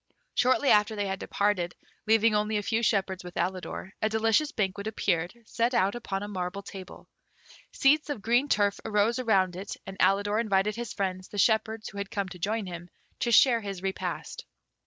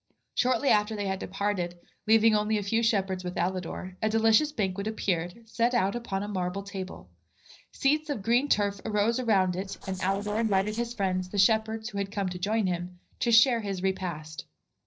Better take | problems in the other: first | noise reduction (neural separator model SepFormer DNS4)

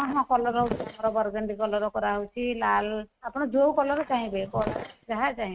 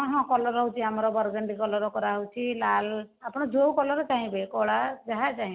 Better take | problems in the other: second | noise reduction (neural mask model RNNoise)

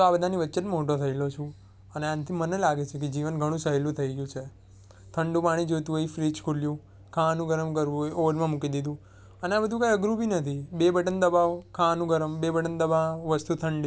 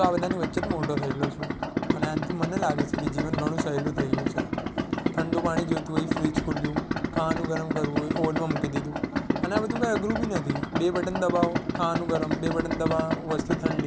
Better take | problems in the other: first | background sound (Idling); 1 dB above the speech

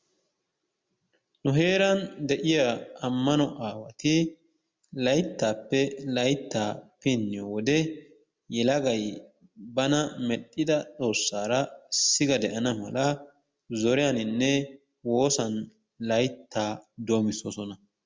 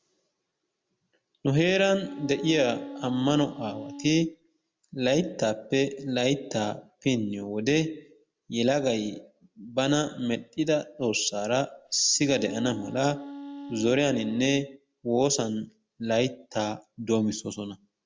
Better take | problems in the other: first | background sound (Wind instrument, woodwind instrument); 13 dB below the speech

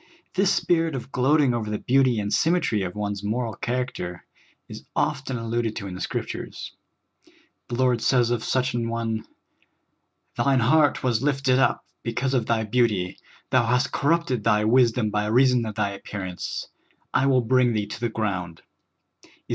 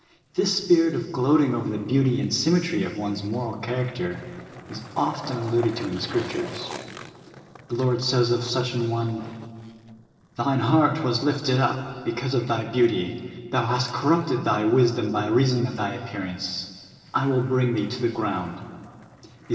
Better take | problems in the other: first | noise reduction (neural separator model SepFormer DNS4)

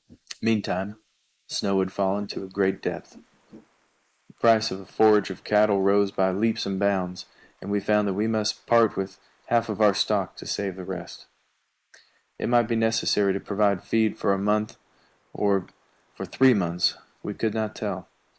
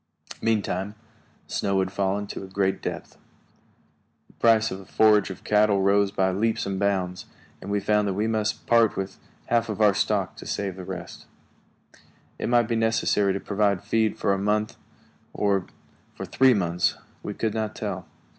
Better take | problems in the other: second | noise reduction (neural mask model Resemble Enhance denoiser)

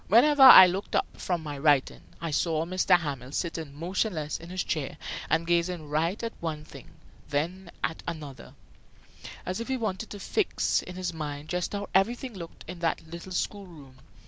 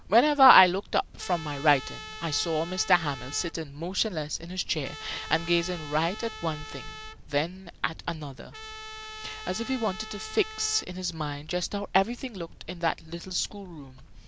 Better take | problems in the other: first | background sound (Trumpet); 14 dB below the speech

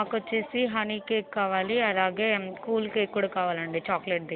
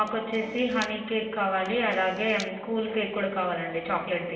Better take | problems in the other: first | background sound (Camera); 19 dB below the speech // room echo; dies away in 0.9 s

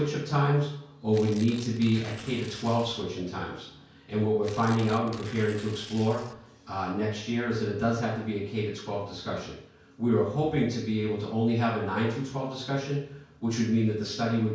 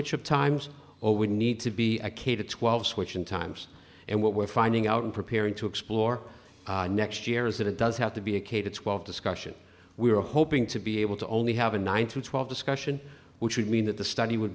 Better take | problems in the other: second | background sound (Tearing); 19 dB below the speech // room echo; dies away in 0.5 s

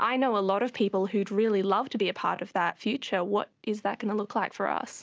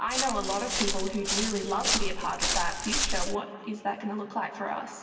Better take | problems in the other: first | background sound (Walk, footsteps); 3 dB above the speech // room echo; dies away in 2.6 s

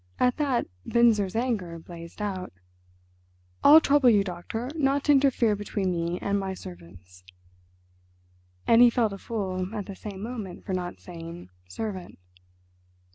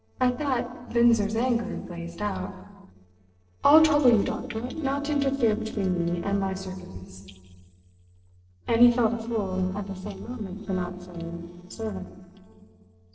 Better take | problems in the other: first | noise reduction (neural separator model SepFormer DNS4)

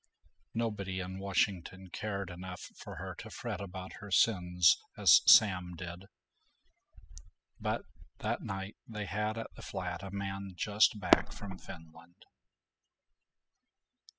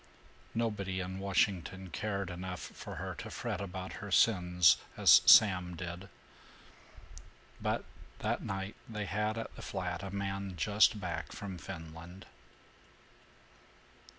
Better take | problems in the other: second | noise reduction (classical method spectral subtraction)

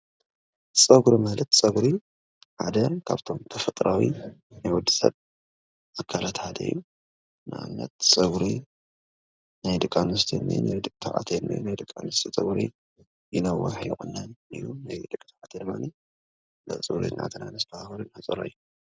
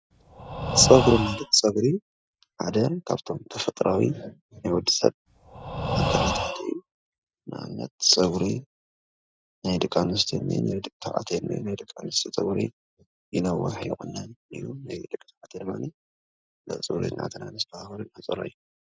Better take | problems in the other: first | noise reduction (classical method Wiener filter)

